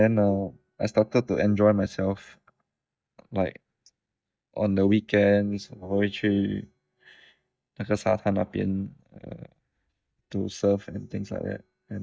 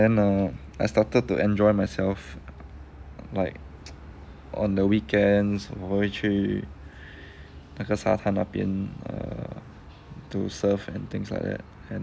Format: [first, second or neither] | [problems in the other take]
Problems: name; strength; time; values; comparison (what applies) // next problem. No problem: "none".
second | noise reduction (neural mask model DeepFilterNet 3)